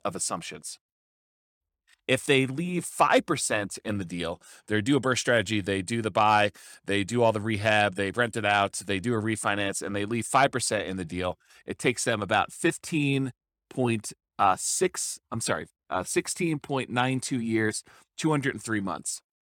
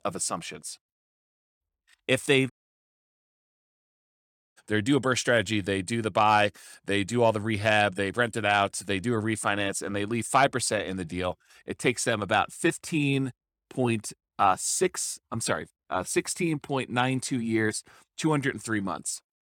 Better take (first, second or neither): first